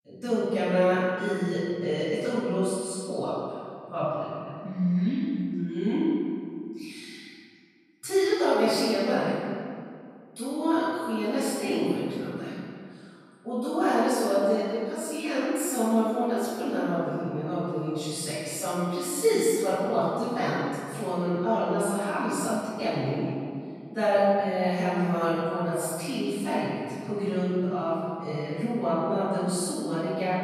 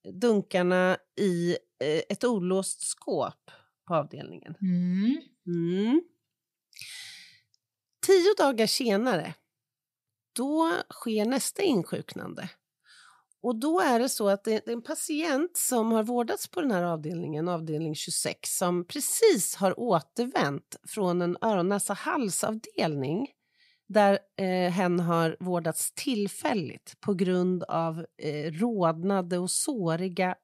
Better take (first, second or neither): second